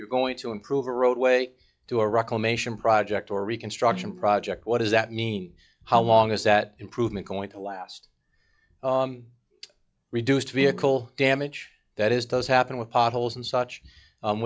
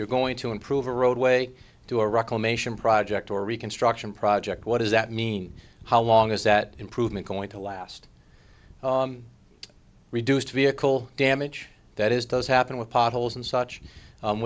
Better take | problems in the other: second | noise reduction (classical method log-MMSE)

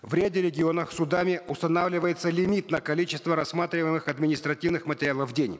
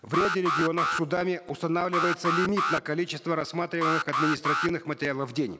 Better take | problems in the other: first | background sound (Alarm); 2 dB below the speech

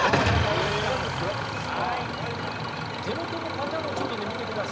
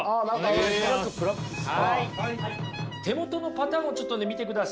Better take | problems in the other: second | background sound (Idling / Engine starting); 4 dB above the speech

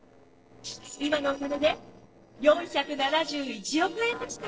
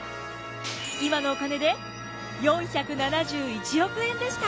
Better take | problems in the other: second | noise reduction (neural separator model SepFormer DNS4)

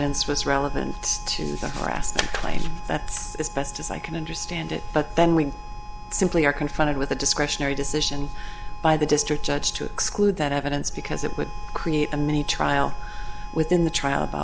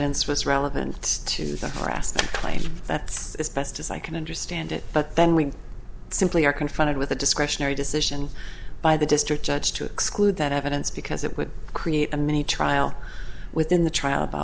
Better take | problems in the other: second | background sound (Harmonica); 18 dB below the speech

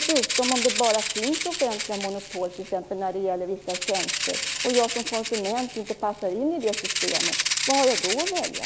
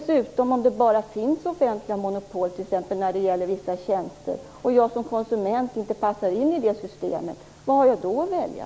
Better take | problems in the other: second | background sound (Rattle (instrument)); 2 dB below the speech

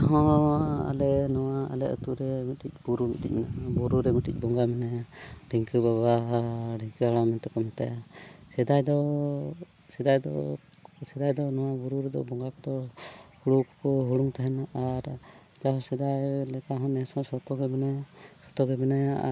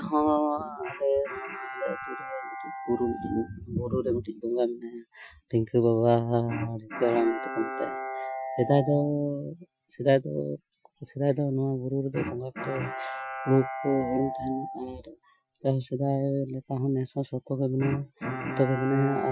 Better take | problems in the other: first | noise reduction (classical method Wiener filter)

